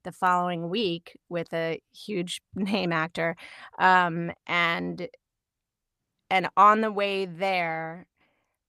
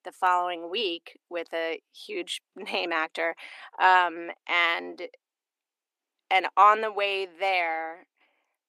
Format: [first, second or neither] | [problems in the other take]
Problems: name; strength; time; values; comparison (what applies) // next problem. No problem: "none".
first | thin; very; fading below 300 Hz